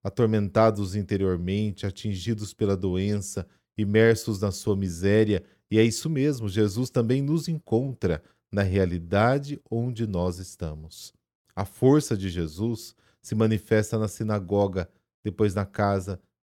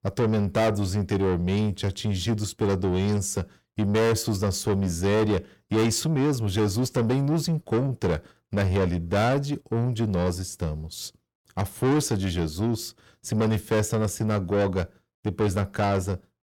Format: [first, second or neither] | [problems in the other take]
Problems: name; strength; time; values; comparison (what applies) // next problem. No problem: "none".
first | distortion; heavy; 7 dB below the speech